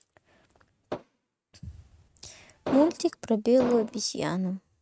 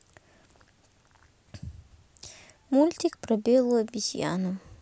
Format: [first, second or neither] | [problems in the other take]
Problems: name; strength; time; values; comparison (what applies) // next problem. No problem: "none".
second | noise reduction (neural mask model RNNoise)